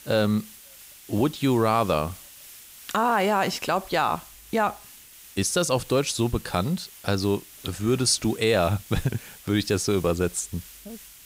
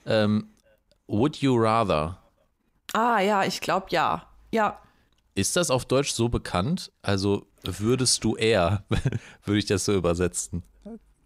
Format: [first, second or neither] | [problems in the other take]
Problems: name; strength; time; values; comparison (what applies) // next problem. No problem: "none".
second | hiss; noticeable; throughout; 20 dB below the speech